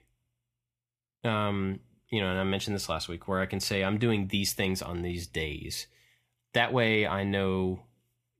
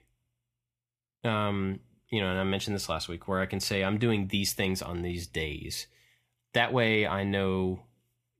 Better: neither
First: none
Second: none

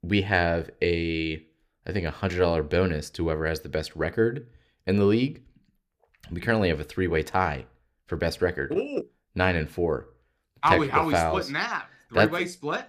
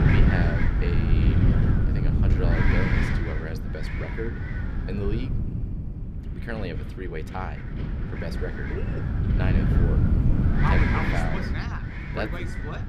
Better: first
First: none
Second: wind noise on the microphone; heavy; 2 dB above the speech

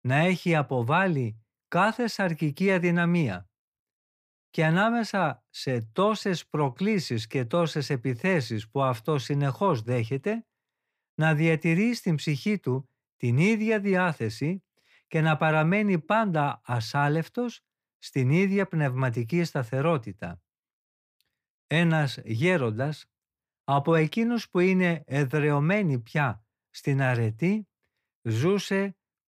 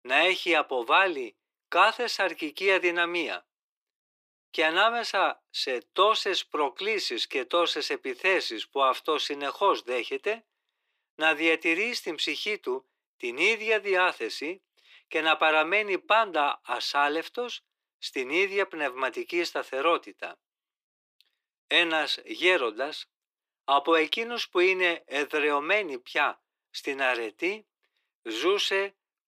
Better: first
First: none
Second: thin; very; fading below 350 Hz

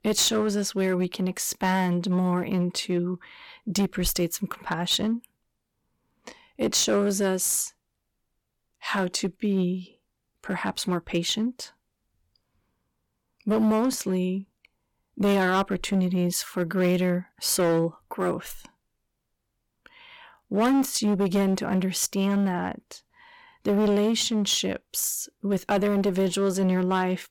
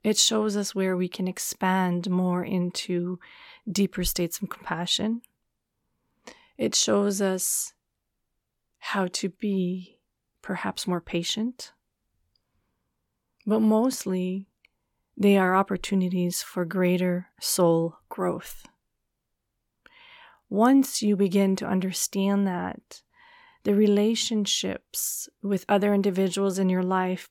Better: second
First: distortion; slight; 7% of the sound clipped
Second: none

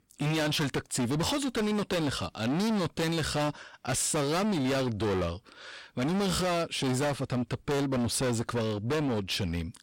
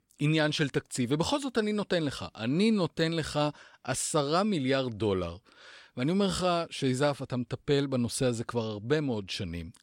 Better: second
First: distortion; heavy; 30% of the sound clipped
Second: none

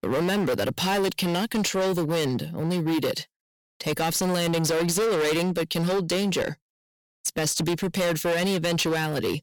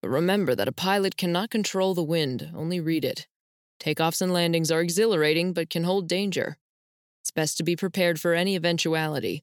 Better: second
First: distortion; heavy; 24% of the sound clipped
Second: none

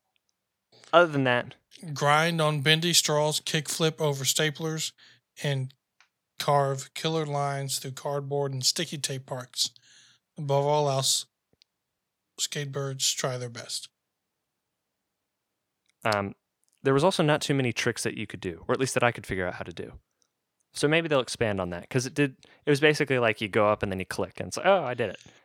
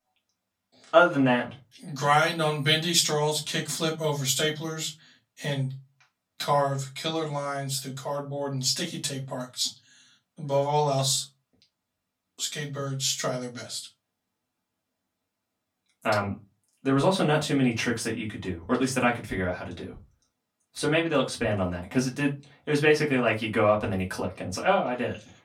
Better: first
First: none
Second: off-mic speech; far // room echo; very slight; dies away in 0.2 s

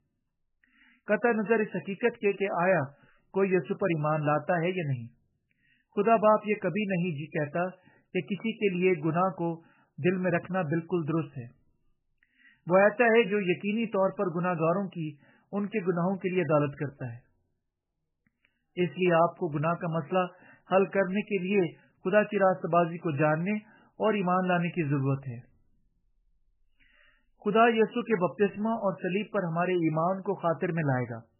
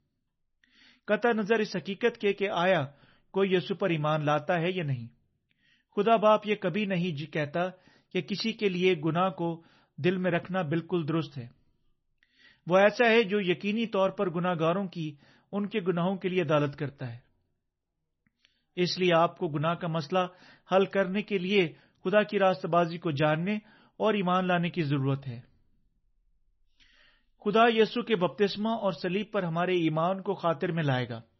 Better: second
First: garbled, watery; badly; nothing above 3 kHz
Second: garbled, watery; slightly; nothing above 6 kHz

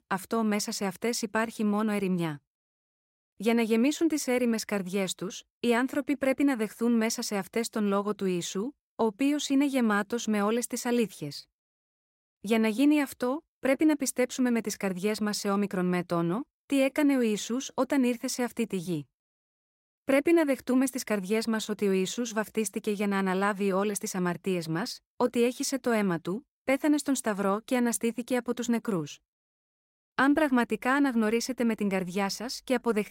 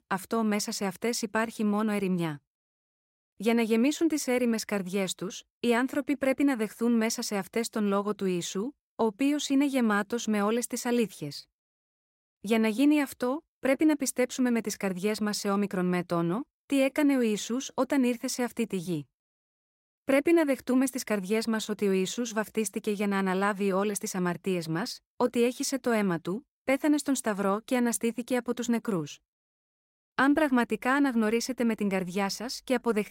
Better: neither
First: none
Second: none

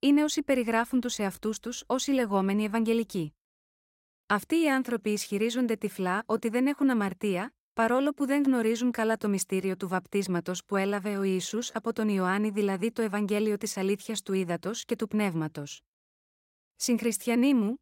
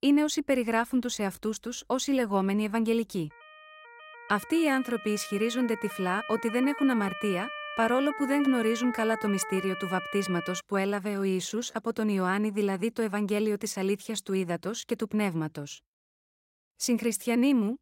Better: first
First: none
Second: siren; noticeable; from 3.5 to 11 s; peak 8 dB below the speech

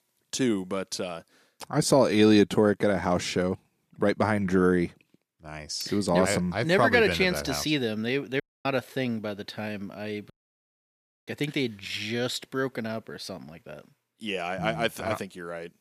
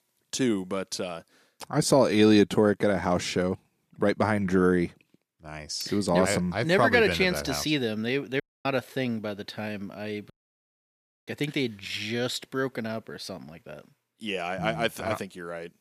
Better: neither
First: audio cutting out; at 8.5 s and at 10 s for 1 s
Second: audio cutting out; at 8.5 s and at 10 s for 1 s

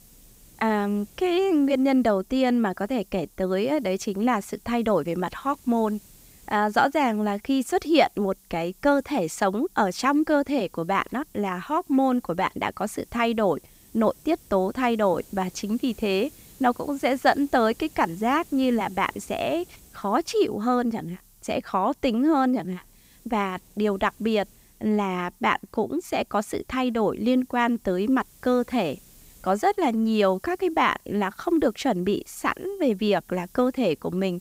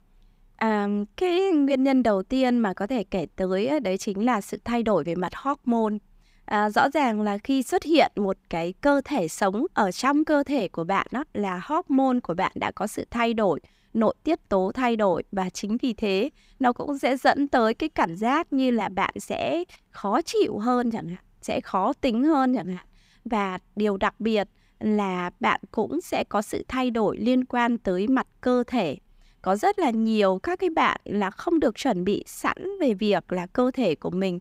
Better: second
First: hiss; faint; throughout; 25 dB below the speech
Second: none

